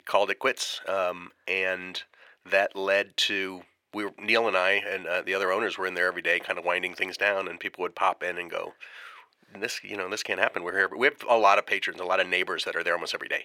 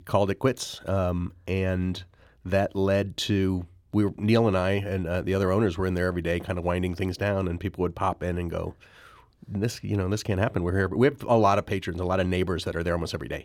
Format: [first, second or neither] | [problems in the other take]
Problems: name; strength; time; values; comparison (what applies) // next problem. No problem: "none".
second | thin; very; fading below 600 Hz